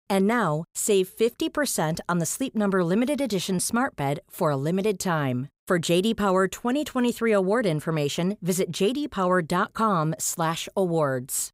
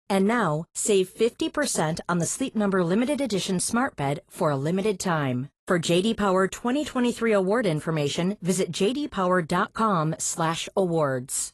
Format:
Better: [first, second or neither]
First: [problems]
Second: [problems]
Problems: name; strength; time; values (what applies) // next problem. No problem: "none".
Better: first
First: none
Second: garbled, watery; slightly; nothing above 11.5 kHz